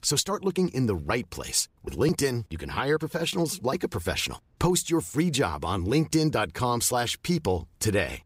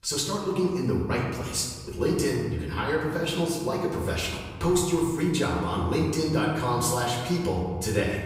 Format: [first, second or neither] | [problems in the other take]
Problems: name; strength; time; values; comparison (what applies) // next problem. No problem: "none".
first | off-mic speech; far // room echo; noticeable; dies away in 1.5 s